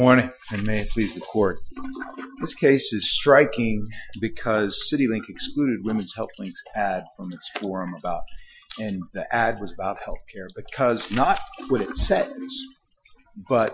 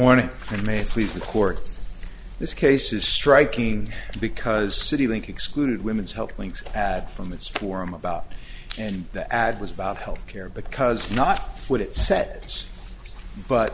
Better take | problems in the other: second | noise reduction (classical method Wiener filter)

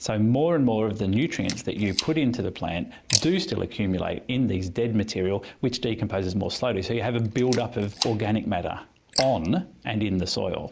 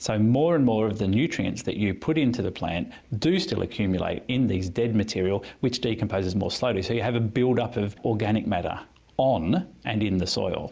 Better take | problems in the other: second | noise reduction (neural mask model Resemble Enhance denoiser)

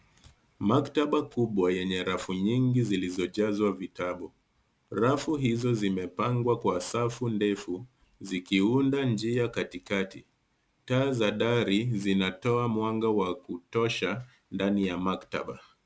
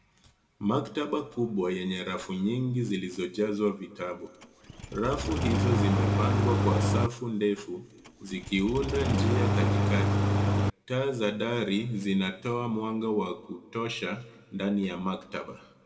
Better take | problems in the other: first | background sound (Engine starting); 4 dB above the speech // room echo; dies away in 1.1 s

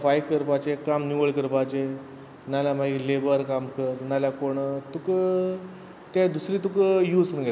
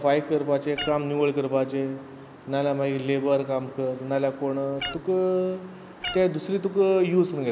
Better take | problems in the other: first | background sound (Meow); 13 dB below the speech

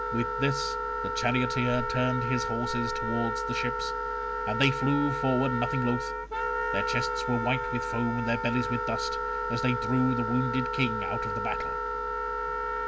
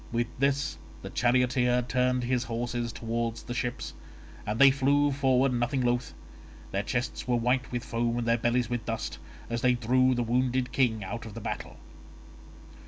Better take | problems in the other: second | background sound (Wind instrument, woodwind instrument); 1 dB below the speech

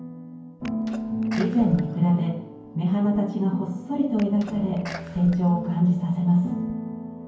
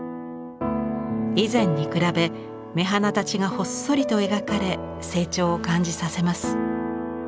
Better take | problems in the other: second | background sound (Sneeze); 19 dB below the speech // room echo; dies away in 0.9 s

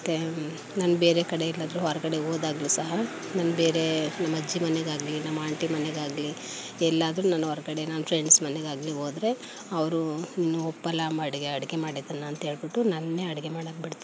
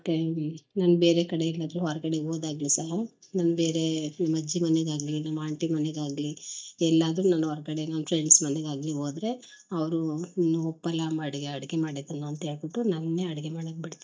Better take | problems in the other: first | noise reduction (neural mask model DeepFilterNet 3)

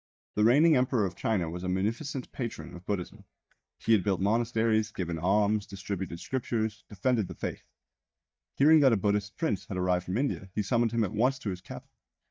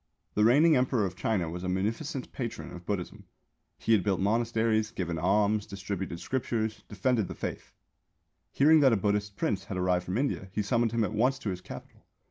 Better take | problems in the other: second | noise reduction (neural mask model DeepFilterNet 3)

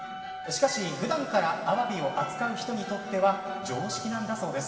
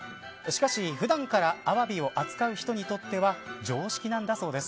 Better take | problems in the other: second | background sound (Wind instrument, woodwind instrument); 13 dB below the speech // room echo; dies away in 2.6 s

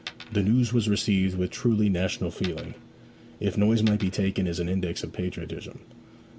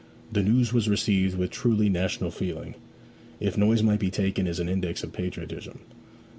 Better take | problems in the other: second | background sound (Coin (dropping)); 20 dB below the speech

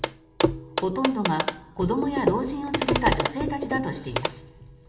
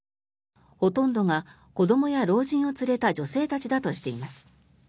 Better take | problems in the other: second | background sound (Clock); as loud as the speech // room echo; dies away in 0.9 s

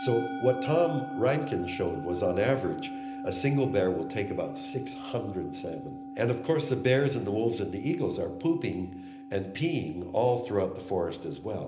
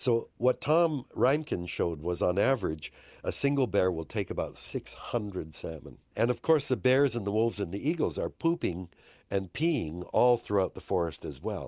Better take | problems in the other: second | background sound (Musical instrument); 10 dB below the speech // room echo; dies away in 0.8 s

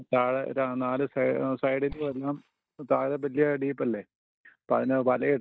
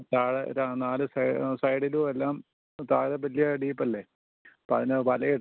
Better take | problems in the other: second | noise reduction (neural mask model DeepFilterNet 3)

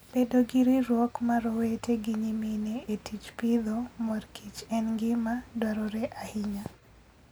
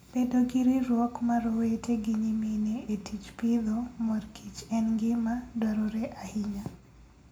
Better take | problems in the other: first | room echo; dies away in 0.3 s

